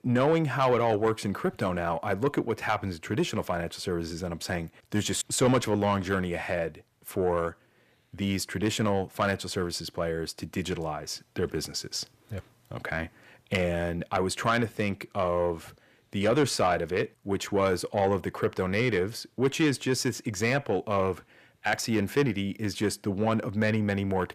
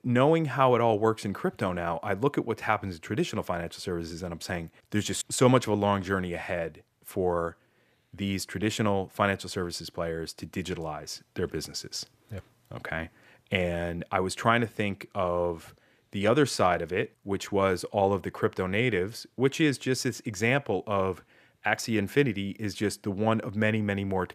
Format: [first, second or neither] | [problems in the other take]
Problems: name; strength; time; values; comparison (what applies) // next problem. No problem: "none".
second | distortion; slight; 10 dB below the speech